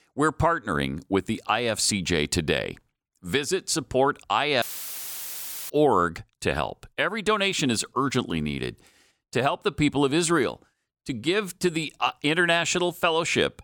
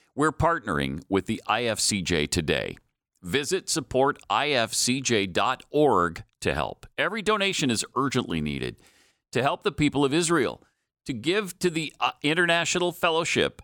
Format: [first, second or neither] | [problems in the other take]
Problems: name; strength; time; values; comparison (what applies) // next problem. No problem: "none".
second | audio cutting out; filled with static; at 4.5 s for 1 s